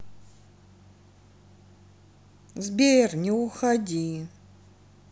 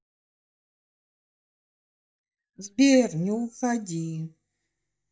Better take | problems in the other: first | noise reduction (neural mask model DeepFilterNet 3)

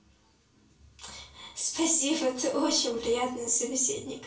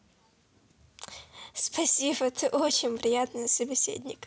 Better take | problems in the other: second | room echo; dies away in 0.3 s

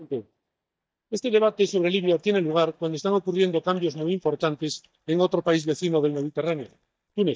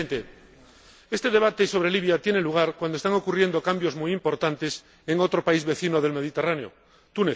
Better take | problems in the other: second | noise reduction (neural mask model DeepFilterNet 3)

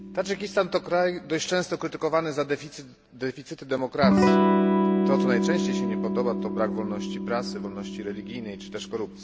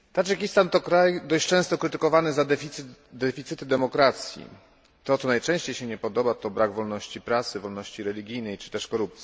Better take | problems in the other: second | background sound (Electric guitar / Strum); 2 dB above the speech

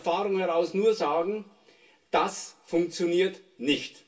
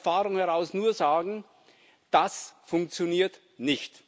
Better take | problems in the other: second | room echo; dies away in 0.2 s

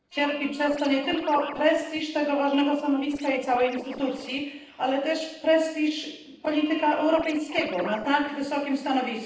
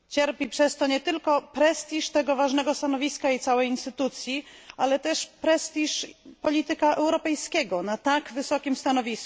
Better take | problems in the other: second | noise reduction (neural separator model SepFormer DNS4)

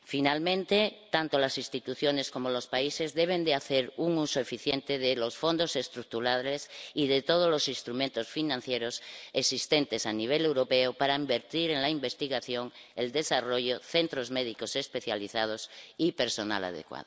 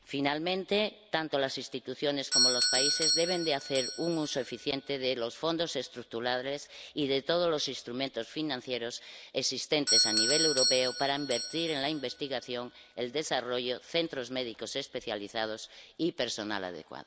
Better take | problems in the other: first | background sound (Doorbell); 3 dB below the speech

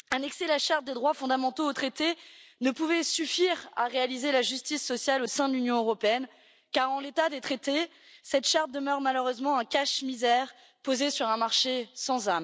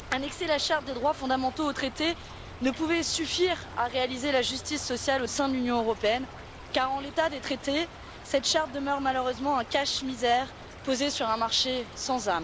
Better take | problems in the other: first | background sound (Stream / Trickle, dribble); 15 dB below the speech

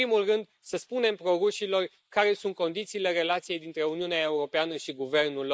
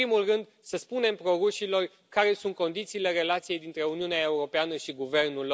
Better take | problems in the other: second | noise reduction (neural mask model Resemble Enhance denoiser)

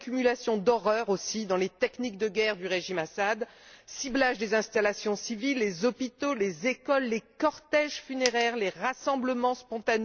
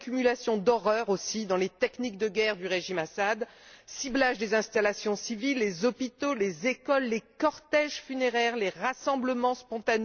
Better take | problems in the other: second | background sound (Coin (dropping)); 9 dB below the speech

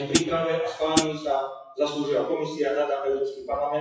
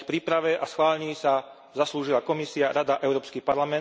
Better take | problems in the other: second | noise reduction (classical method WPE with log-MMSE)

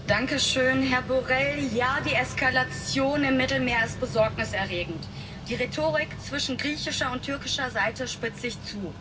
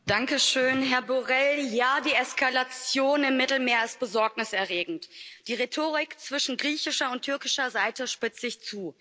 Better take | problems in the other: second | background sound (Mechanical fan); 10 dB below the speech // room echo; dies away in 0.4 s

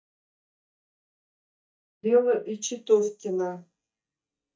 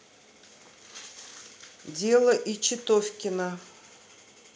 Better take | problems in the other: second | noise reduction (neural mask model DeepFilterNet 3)

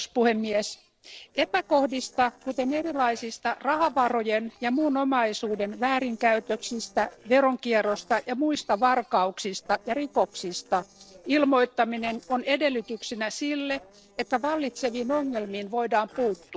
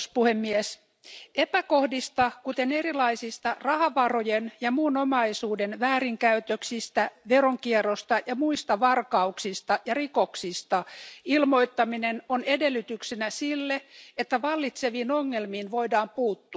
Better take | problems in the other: second | noise reduction (neural separator model SepFormer DNS4)

